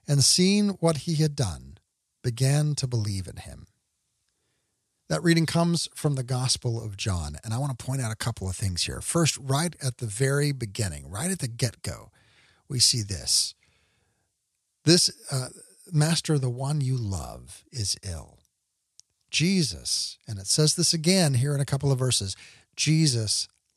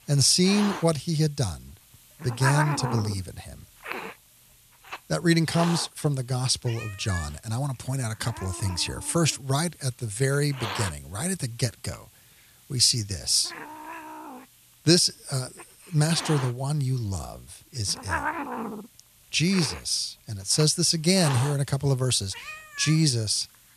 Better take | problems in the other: first | hiss; noticeable; throughout; 10 dB below the speech

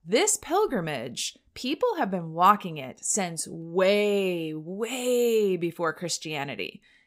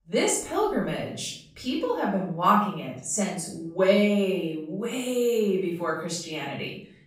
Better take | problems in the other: first | room echo; noticeable; dies away in 0.6 s // off-mic speech; far

